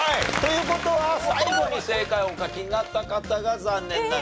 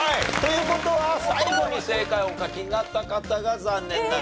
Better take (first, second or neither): first